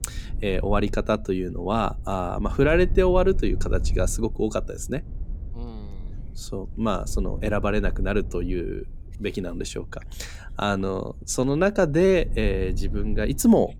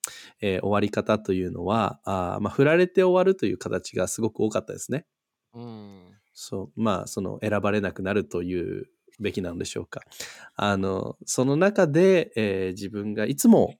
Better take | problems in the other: second | low rumble; faint; throughout; 25 dB below the speech

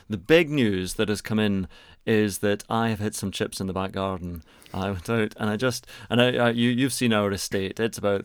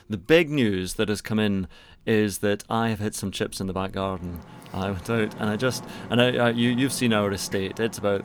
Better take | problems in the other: first | traffic noise; noticeable; throughout; 15 dB below the speech

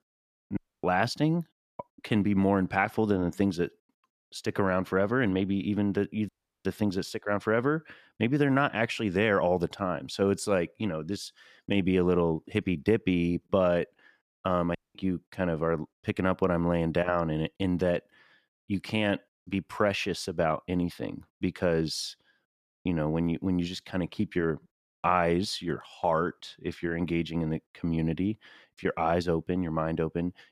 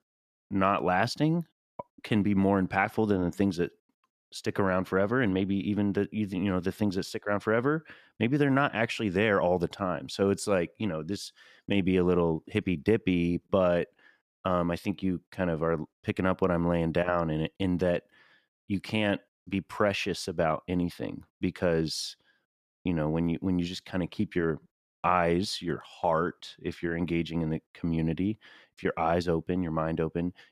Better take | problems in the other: second | audio cutting out; at 0.5 s, at 6.5 s and at 15 s

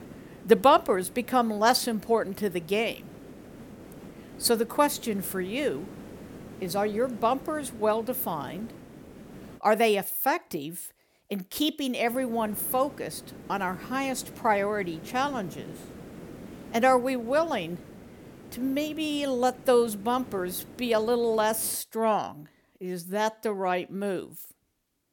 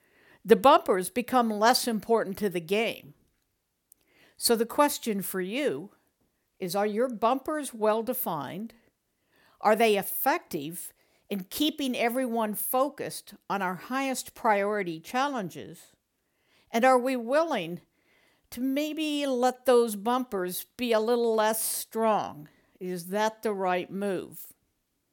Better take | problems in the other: second | hiss; noticeable; until 9.5 s and from 12 to 22 s; 20 dB below the speech

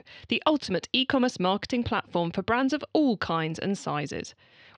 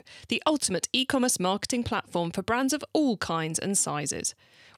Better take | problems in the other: second | muffled; slightly; fading above 4 kHz

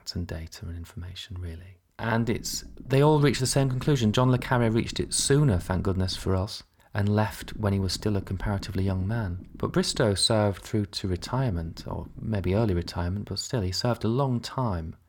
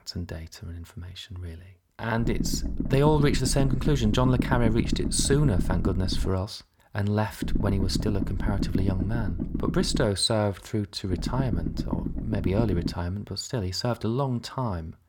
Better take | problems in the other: first | low rumble; loud; from 2 to 6.5 s, from 7.5 to 10 s and from 11 to 13 s; 8 dB below the speech; faint in the first

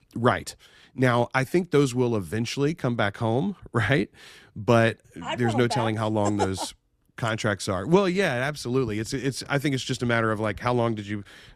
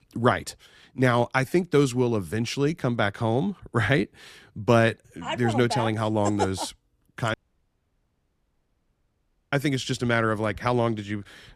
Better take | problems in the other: first | audio cutting out; at 7.5 s for 2 s

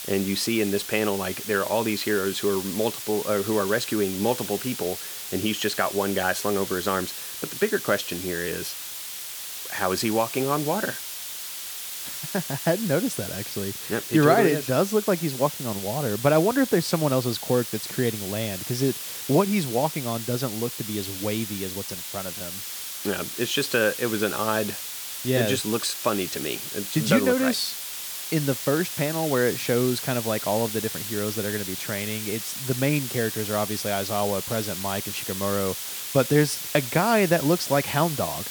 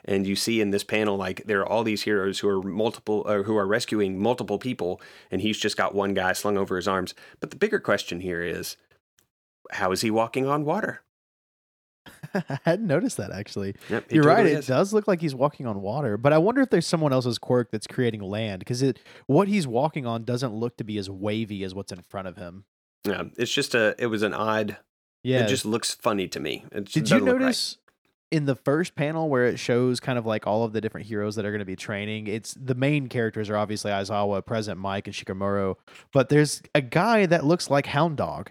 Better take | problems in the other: second | hiss; loud; throughout; 6 dB below the speech

